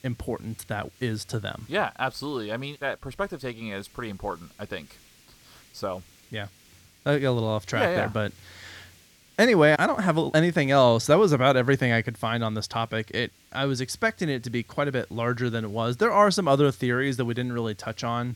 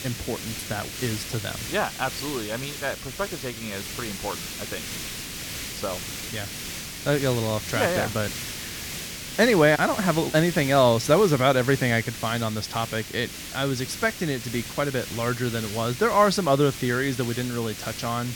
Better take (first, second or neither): first